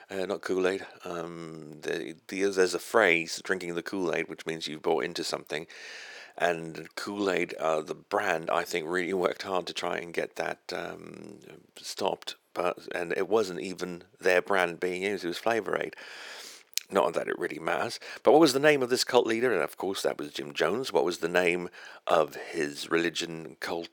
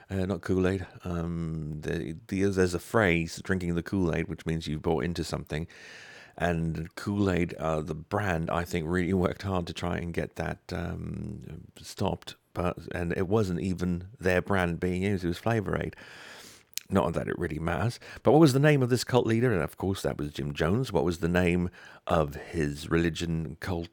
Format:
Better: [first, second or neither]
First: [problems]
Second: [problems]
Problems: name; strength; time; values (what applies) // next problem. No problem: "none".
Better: second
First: thin; somewhat; fading below 450 Hz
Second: none